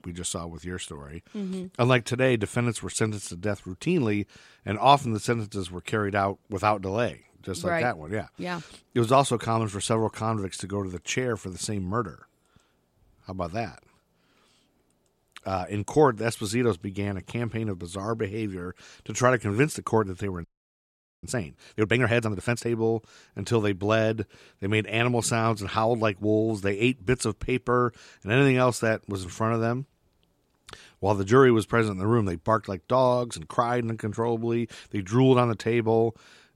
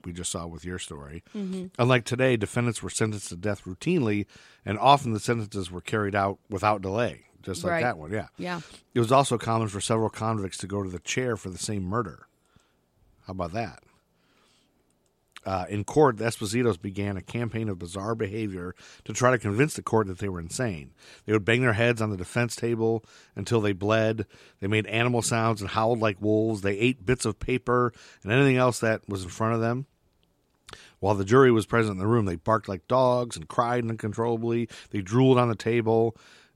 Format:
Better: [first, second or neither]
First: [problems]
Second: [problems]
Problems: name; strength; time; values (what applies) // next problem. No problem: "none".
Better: second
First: audio freezing; at 20 s for 1 s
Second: none